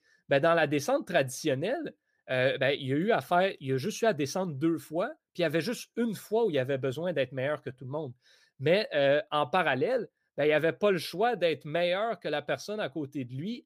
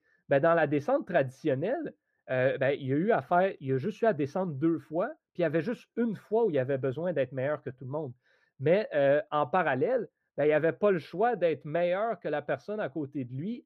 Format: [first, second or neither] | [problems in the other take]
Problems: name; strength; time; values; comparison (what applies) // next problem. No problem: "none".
first | muffled; very; fading above 3 kHz